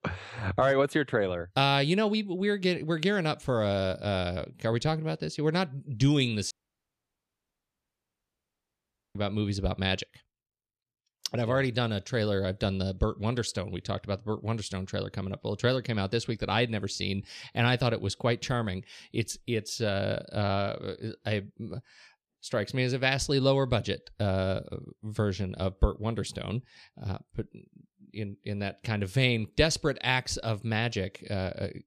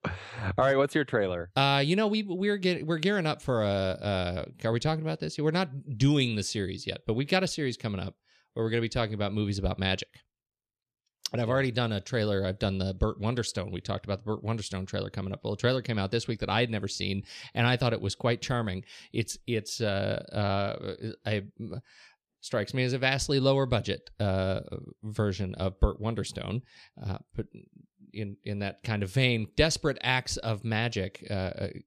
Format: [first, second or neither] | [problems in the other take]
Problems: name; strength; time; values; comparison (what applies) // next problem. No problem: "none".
second | audio cutting out; at 6.5 s for 2.5 s